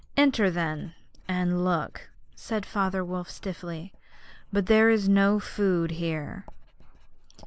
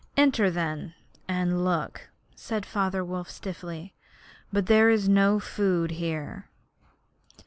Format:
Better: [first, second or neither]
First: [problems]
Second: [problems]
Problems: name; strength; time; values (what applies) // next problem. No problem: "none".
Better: second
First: noise reduction (neural mask model Resemble Enhance denoiser)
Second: none